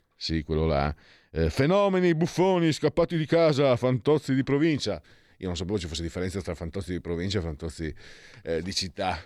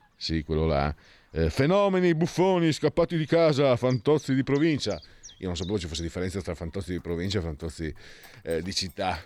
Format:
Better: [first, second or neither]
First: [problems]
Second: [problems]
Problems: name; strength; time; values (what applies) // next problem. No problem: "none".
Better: first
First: none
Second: animal sounds; faint; throughout; 25 dB below the speech